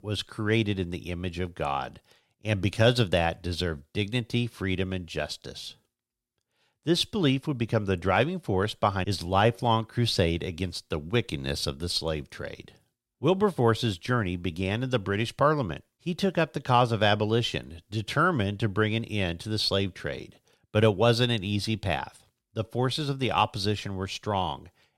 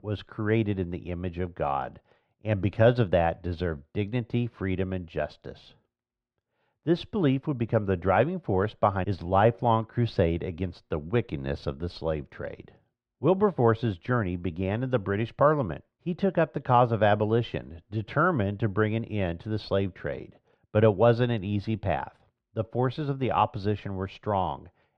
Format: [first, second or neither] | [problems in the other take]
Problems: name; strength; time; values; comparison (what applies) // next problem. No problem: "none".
first | muffled; very; fading above 1.5 kHz